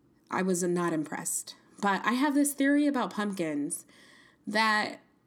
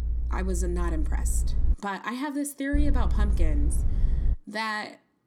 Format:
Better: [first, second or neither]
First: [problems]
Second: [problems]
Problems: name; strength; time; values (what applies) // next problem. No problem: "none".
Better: first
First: none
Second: low rumble; noticeable; until 1.5 s and from 2.5 to 4.5 s; 15 dB below the speech